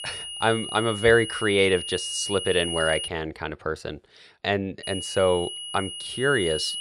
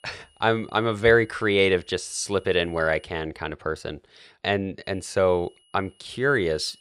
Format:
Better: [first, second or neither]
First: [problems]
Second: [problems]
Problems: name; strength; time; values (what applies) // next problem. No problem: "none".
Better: second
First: high-pitched whine; loud; until 3 s and from 5 s on; 3 kHz, 7 dB below the speech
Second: high-pitched whine; faint; until 3 s and from 5 s on; 3 kHz, 35 dB below the speech